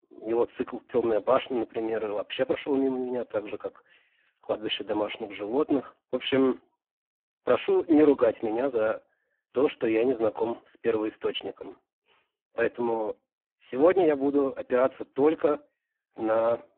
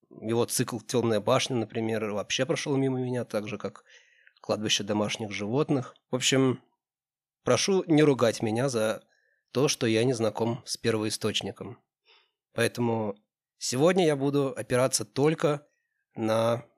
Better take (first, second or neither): second